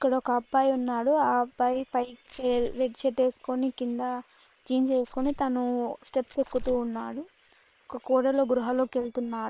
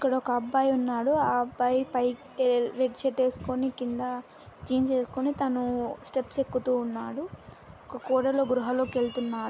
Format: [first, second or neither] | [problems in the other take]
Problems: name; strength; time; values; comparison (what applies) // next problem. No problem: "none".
second | noise reduction (neural separator model SepFormer WHAM!)